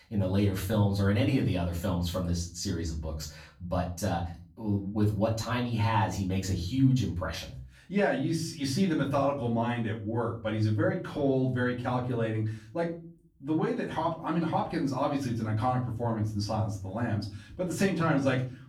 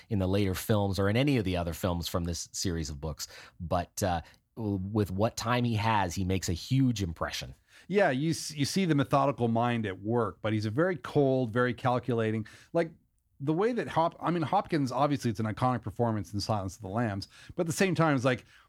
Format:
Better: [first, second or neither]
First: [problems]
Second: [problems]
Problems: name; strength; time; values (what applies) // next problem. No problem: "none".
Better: second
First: room echo; slight; dies away in 0.4 s // off-mic speech; far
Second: none